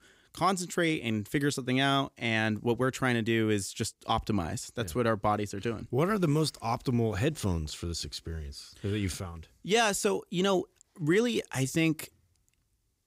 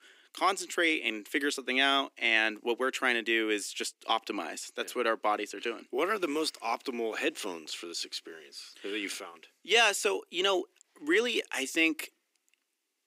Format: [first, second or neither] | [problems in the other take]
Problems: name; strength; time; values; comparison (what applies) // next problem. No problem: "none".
first | thin; somewhat; fading below 300 Hz